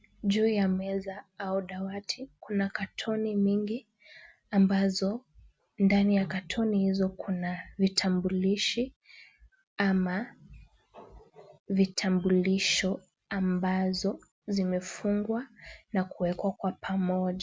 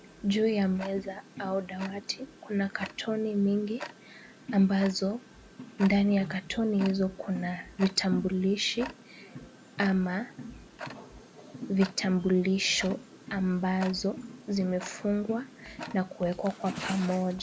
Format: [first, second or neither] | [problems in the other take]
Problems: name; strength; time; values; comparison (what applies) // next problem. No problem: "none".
first | background sound (Tick-tock); 14 dB below the speech